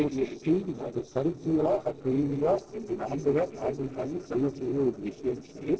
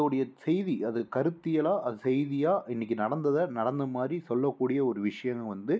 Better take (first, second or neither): second